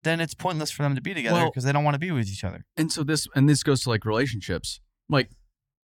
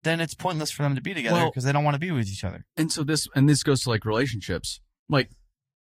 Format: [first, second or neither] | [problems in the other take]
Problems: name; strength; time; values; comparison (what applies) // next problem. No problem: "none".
first | garbled, watery; slightly; nothing above 14.5 kHz